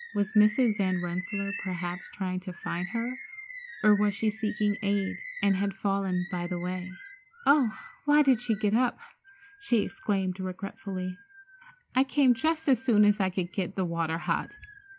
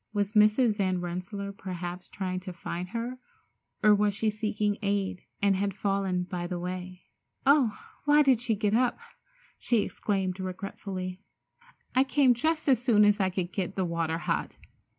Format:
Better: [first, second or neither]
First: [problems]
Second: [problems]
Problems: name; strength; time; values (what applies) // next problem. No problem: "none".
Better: second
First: background sound (Bird); 16 dB below the speech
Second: none